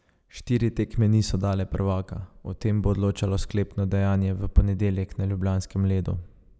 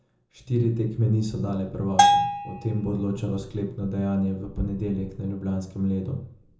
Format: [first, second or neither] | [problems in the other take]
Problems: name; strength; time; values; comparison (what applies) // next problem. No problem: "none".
first | background sound (Bell); 4 dB above the speech // room echo; dies away in 0.6 s